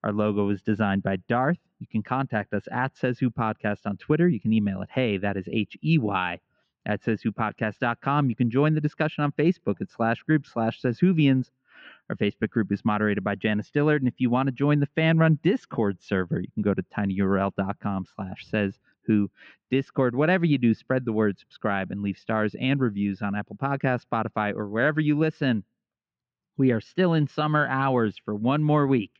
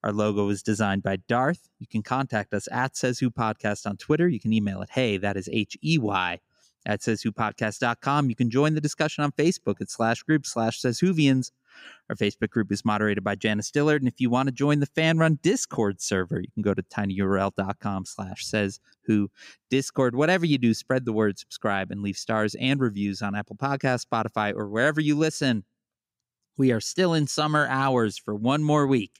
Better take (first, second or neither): second